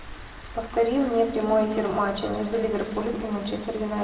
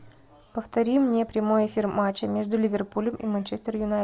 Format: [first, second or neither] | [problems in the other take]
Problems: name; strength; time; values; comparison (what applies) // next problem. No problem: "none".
second | background sound (Rain); 17 dB below the speech // room echo; dies away in 1.7 s